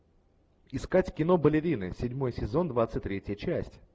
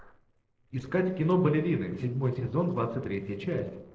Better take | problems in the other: first | noise reduction (neural separator model SepFormer DNS4)

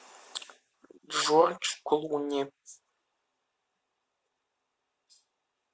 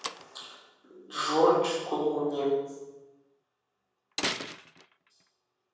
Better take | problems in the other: first | background sound (Slam); 11 dB below the speech // room echo; dies away in 1.3 s

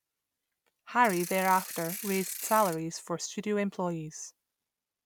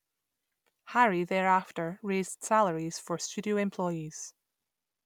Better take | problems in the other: second | background sound (Ratchet, pawl / Percussion); 9 dB below the speech

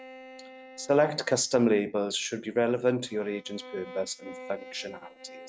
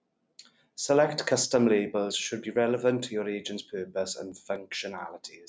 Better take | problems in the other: second | noise reduction (neural mask model RNNoise)

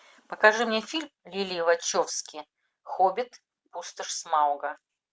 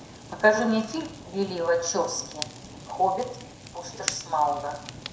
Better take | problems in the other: first | background sound (Fire); 13 dB below the speech // room echo; dies away in 0.5 s

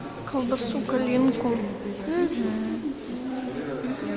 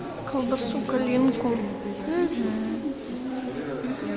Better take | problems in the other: first | background sound (Dog); 14 dB below the speech

